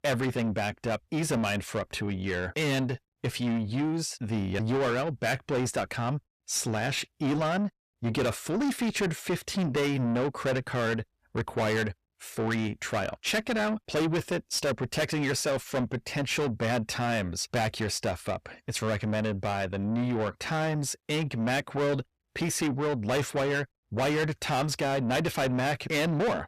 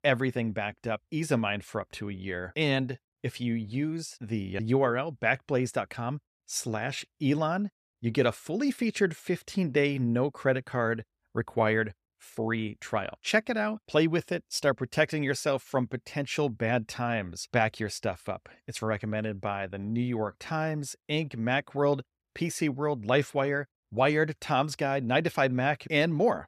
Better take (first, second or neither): second